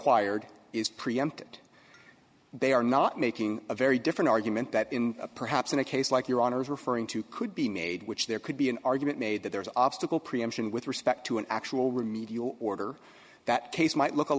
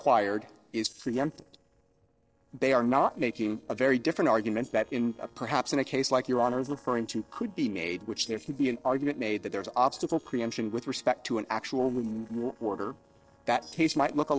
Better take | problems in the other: first | noise reduction (neural separator model SepFormer DNS4)

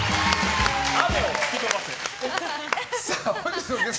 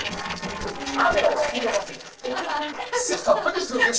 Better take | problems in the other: first | noise reduction (neural separator model SepFormer DNS4)

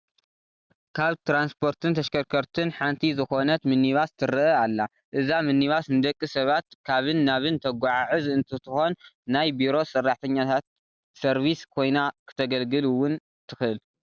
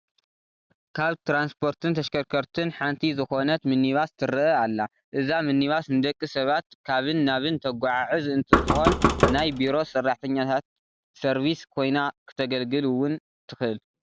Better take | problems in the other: first | background sound (Knock); 2 dB above the speech

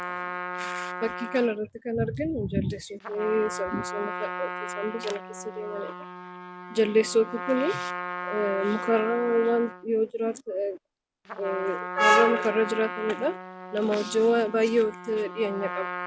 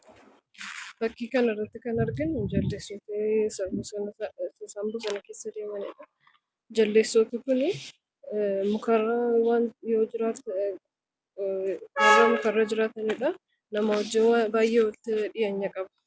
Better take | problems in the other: second | background sound (Trumpet); 9 dB below the speech

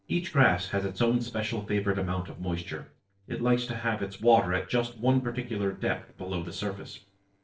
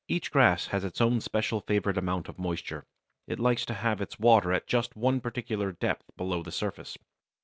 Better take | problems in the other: second | noise reduction (neural separator model SepFormer DNS4)

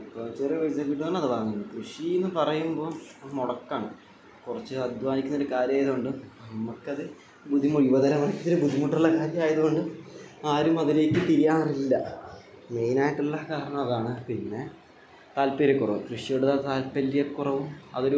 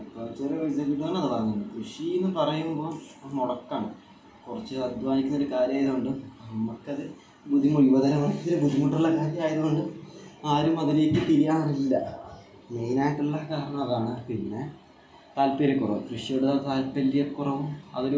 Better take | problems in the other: first | room echo; dies away in 0.2 s

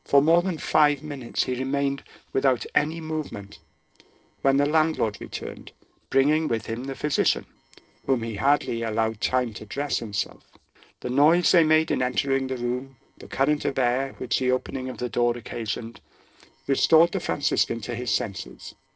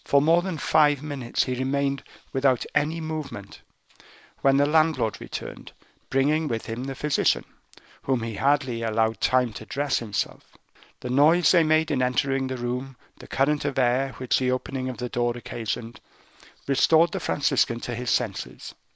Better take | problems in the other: second | noise reduction (neural separator model SepFormer DNS4)

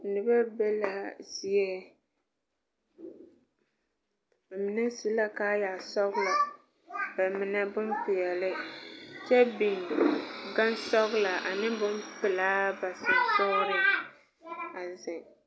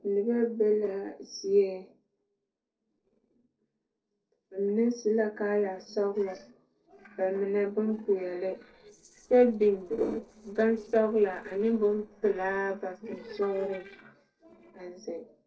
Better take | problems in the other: first | noise reduction (neural separator model SepFormer DNS4)

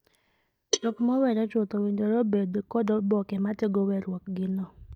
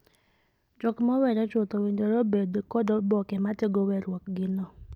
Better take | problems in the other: second | noise reduction (neural mask model DeepFilterNet 3)

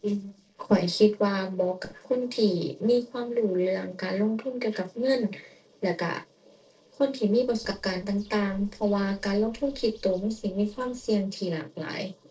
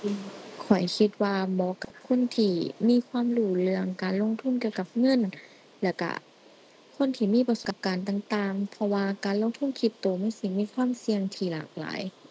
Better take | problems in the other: second | noise reduction (neural separator model SepFormer DNS4)

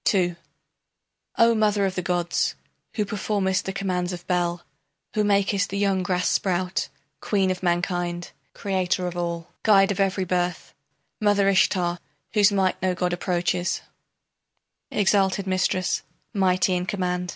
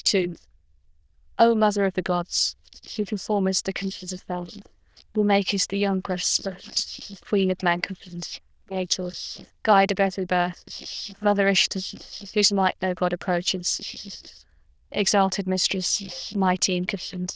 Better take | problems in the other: first | noise reduction (neural diffusion model UNIVERSE++)

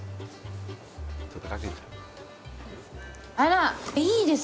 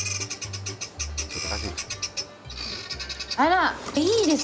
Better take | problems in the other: first | background sound (Bird vocalization, bird call, bird song); 7 dB below the speech

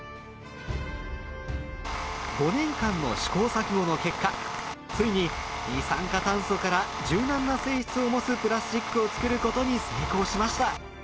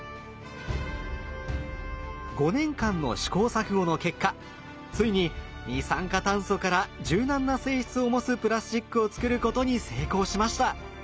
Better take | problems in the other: second | background sound (Tools); 5 dB below the speech

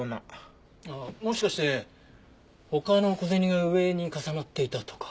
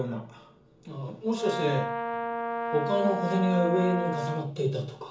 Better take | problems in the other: first | background sound (Brass instrument); 3 dB below the speech // room echo; dies away in 0.7 s

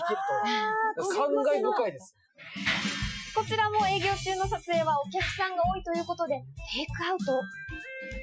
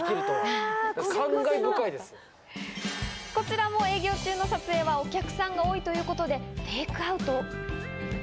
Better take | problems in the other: second | noise reduction (classical method Wiener filter)

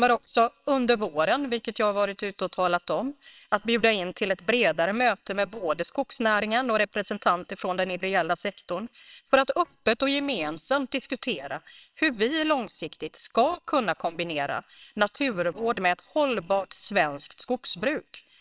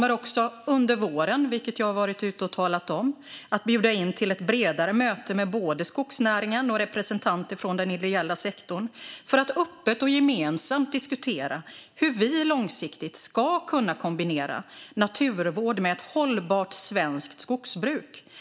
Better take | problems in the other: second | noise reduction (neural separator model SepFormer WHAMR!)

